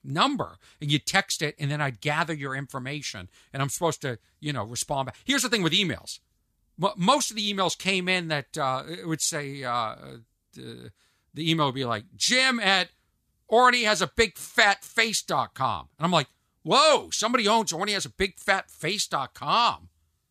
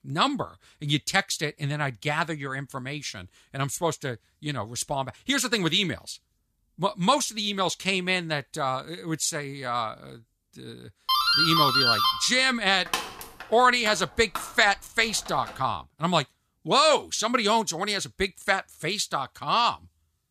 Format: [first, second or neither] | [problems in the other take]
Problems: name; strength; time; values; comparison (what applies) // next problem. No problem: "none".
first | doorbell; loud; from 11 to 16 s; peak 6 dB above the speech